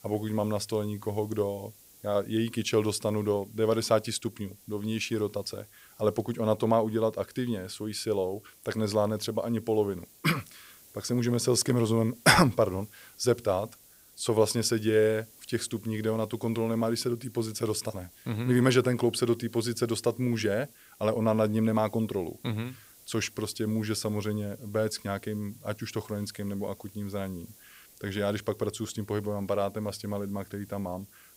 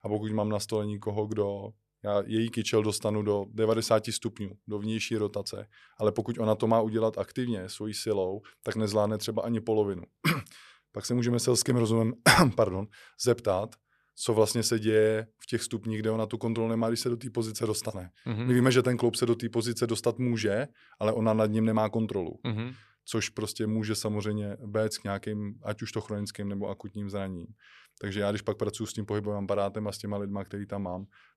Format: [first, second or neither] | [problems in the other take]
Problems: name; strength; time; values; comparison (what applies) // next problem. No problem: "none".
second | hiss; faint; throughout; 25 dB below the speech